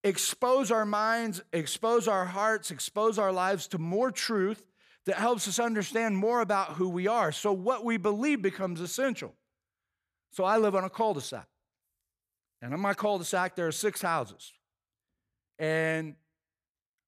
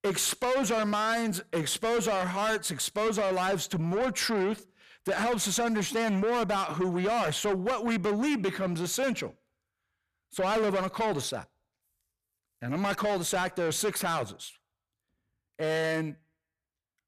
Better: first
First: none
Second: distortion; heavy; 7 dB below the speech

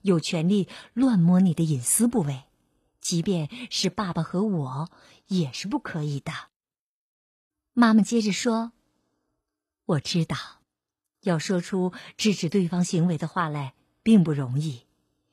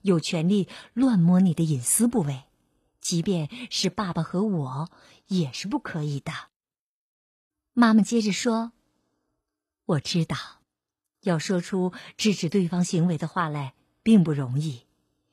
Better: neither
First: none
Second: none

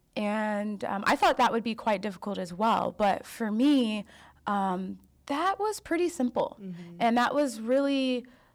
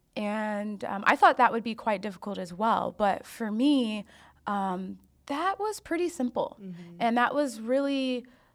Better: second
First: distortion; slight; 3% of the sound clipped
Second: none

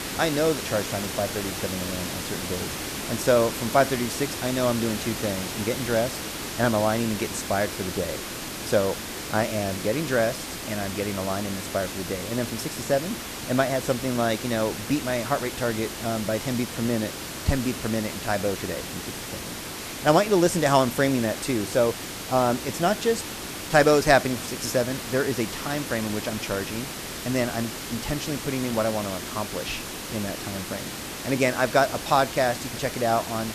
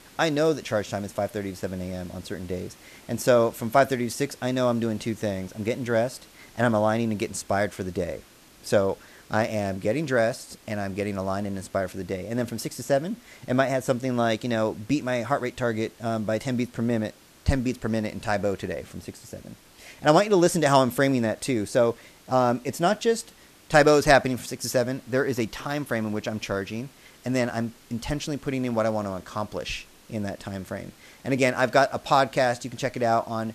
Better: second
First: hiss; loud; throughout; 6 dB below the speech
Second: hiss; faint; throughout; 25 dB below the speech

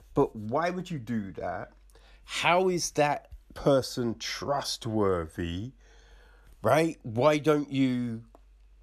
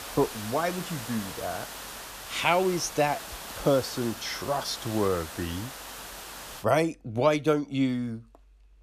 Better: first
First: none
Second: hiss; noticeable; until 6.5 s; 10 dB below the speech

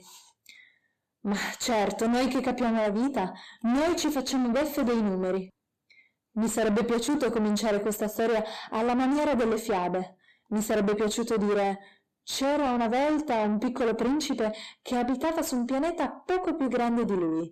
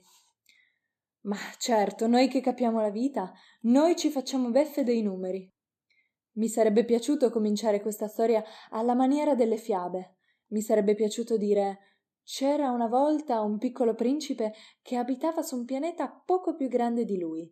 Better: second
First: distortion; heavy; 6 dB below the speech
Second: none

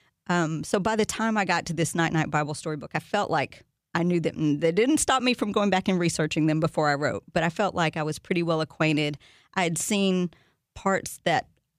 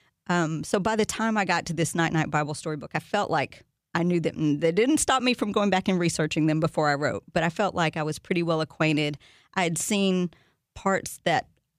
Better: neither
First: none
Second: none

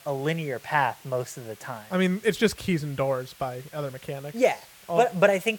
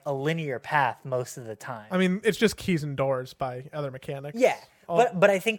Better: second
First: hiss; faint; throughout; 25 dB below the speech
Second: none

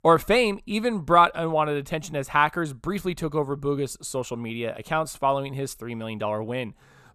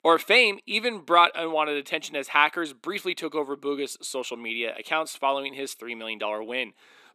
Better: first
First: none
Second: thin; very slightly; fading below 300 Hz

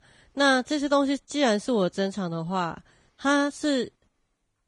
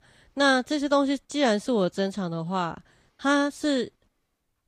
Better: second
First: garbled, watery; badly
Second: garbled, watery; slightly; nothing above 14.5 kHz

